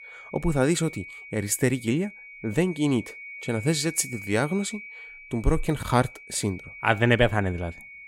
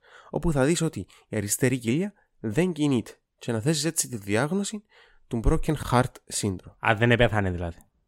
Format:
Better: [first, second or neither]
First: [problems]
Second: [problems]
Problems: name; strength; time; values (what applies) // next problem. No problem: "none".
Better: second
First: high-pitched whine; noticeable; throughout; 2.5 kHz, 15 dB below the speech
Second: none